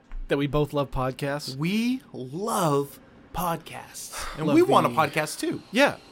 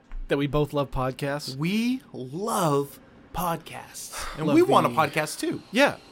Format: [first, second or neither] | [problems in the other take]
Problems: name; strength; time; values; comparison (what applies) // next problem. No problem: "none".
neither | train or aircraft noise; faint; throughout; 30 dB below the speech; the same in both